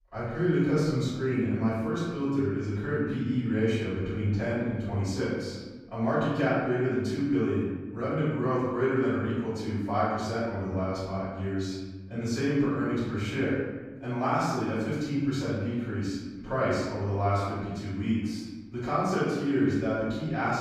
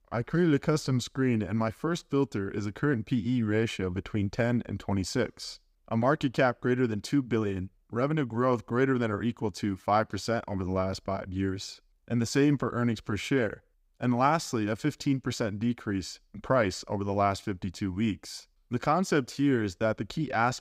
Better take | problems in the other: second | off-mic speech; far // room echo; strong; dies away in 1.3 s

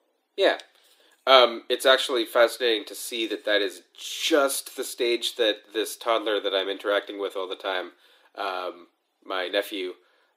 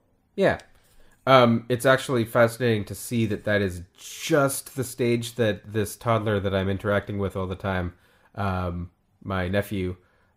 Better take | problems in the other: second | thin; very; fading below 300 Hz

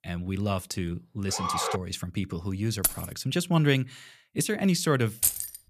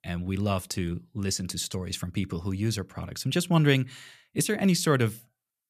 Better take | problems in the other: second | siren; noticeable; at 1.5 s; peak 1 dB below the speech // jangling keys; loud; at 3 s and at 5 s; peak 4 dB above the speech

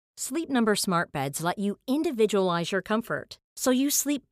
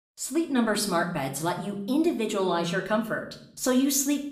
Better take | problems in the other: first | room echo; slight; dies away in 0.6 s // off-mic speech; somewhat distant

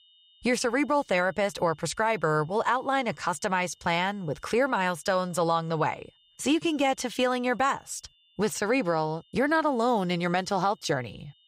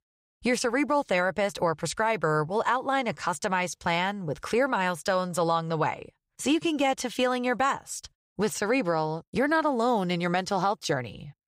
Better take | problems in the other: second | high-pitched whine; faint; throughout; 3 kHz, 35 dB below the speech

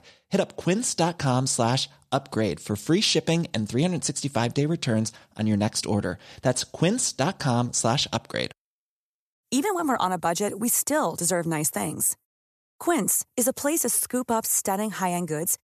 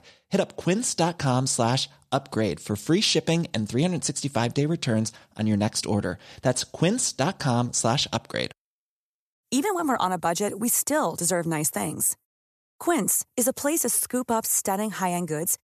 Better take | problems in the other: neither | none

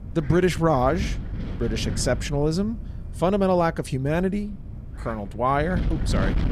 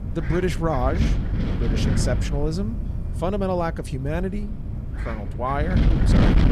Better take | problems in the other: first | wind noise on the microphone; heavy; 5 dB below the speech; occasional gusts in the first

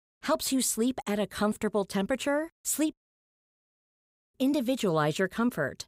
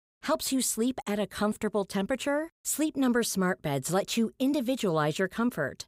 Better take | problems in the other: second | audio cutting out; at 3 s for 1.5 s

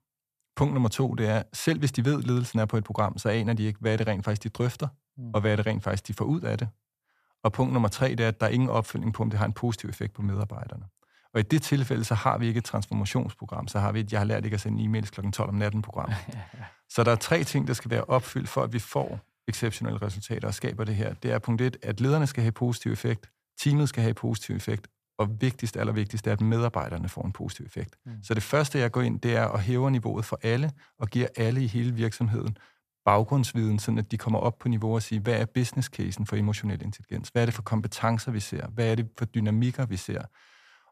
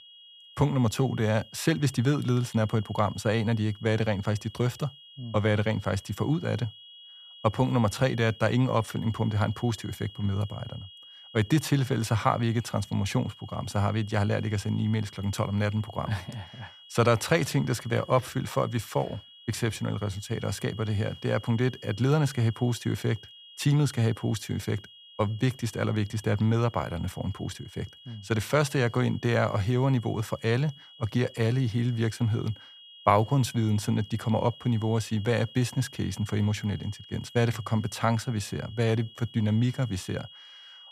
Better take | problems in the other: first | high-pitched whine; noticeable; throughout; 3.5 kHz, 20 dB below the speech

